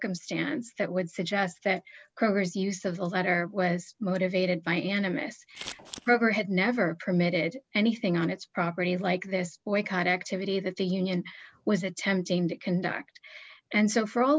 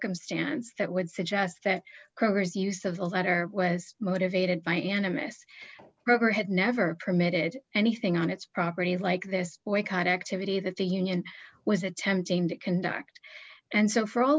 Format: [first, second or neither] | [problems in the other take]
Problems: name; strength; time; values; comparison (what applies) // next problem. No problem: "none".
second | background sound (Scissors); 15 dB below the speech